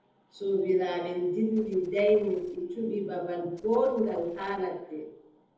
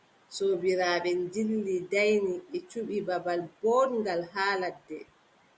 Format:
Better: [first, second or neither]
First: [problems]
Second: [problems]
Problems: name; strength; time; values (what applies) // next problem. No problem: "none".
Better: second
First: noise reduction (neural separator model SepFormer DNS4)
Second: none